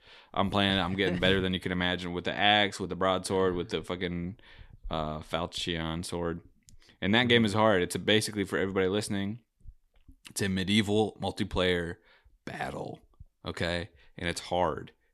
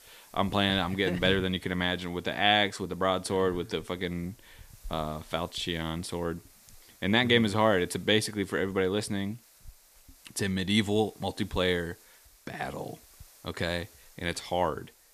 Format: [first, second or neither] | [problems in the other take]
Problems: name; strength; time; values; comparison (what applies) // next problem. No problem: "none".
first | hiss; faint; throughout; 25 dB below the speech